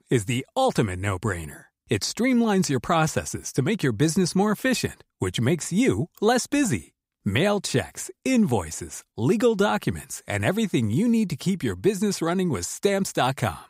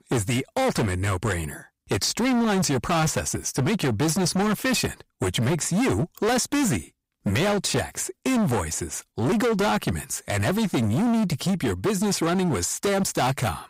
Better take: first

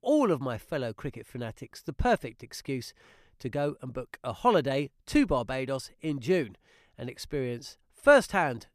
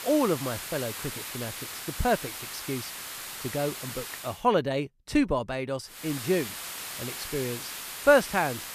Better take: first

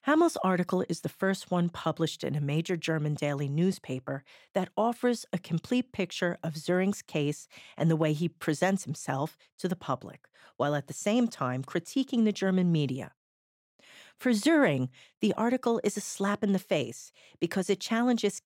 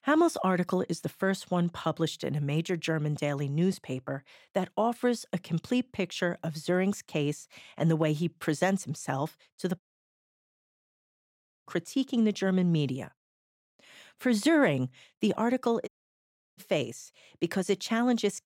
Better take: first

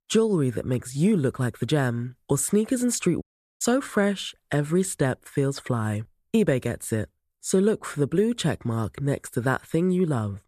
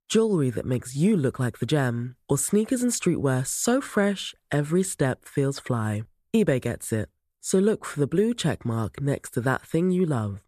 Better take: second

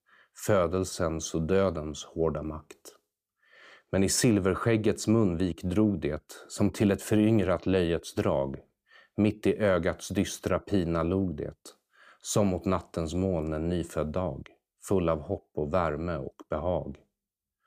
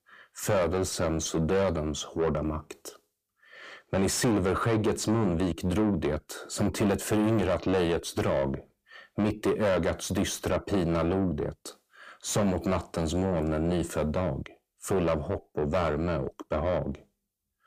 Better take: first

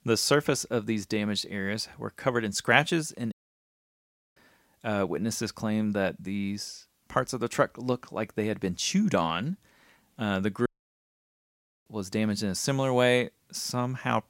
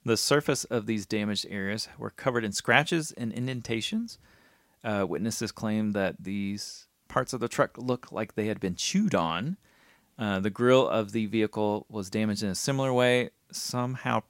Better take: second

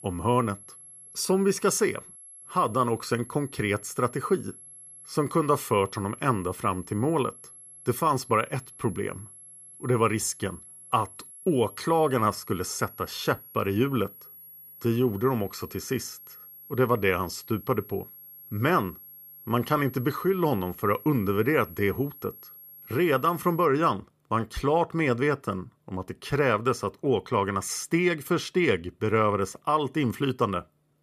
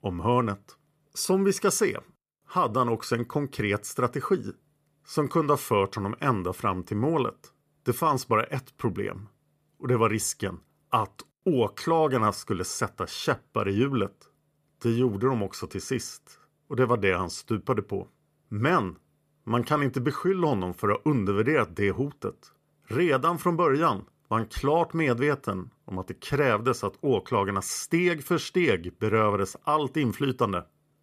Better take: second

